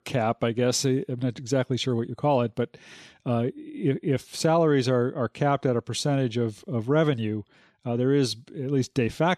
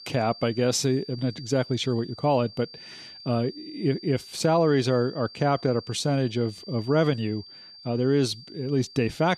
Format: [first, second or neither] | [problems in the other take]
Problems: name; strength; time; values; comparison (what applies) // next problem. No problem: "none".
first | high-pitched whine; noticeable; throughout; 4.5 kHz, 15 dB below the speech